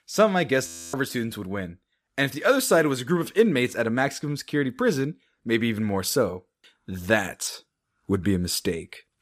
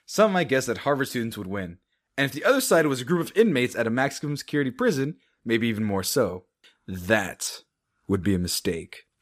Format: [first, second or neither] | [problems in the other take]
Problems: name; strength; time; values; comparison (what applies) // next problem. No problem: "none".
second | audio freezing; at 0.5 s